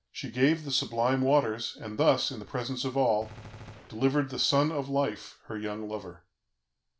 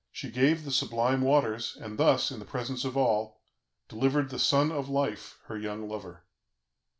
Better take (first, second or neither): second